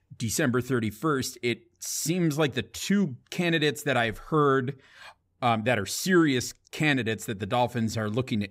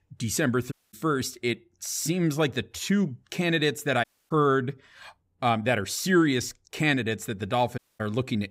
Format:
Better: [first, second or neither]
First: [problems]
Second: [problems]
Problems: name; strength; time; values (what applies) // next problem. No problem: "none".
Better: first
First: none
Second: audio cutting out; at 0.5 s, at 4 s and at 8 s